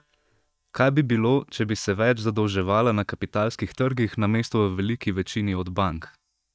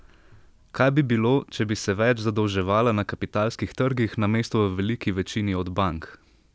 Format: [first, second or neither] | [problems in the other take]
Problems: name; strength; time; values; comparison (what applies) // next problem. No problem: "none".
second | noise reduction (neural mask model DeepFilterNet 3)